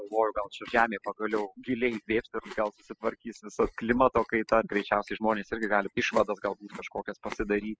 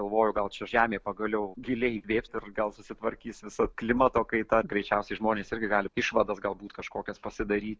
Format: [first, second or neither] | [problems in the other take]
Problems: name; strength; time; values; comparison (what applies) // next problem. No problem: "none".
second | noise reduction (classical method spectral subtraction)